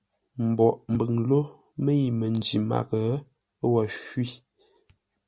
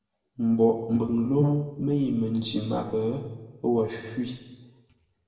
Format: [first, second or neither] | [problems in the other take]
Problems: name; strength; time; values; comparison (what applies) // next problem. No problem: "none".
first | background sound (Brass instrument); 1 dB below the speech // room echo; dies away in 1.1 s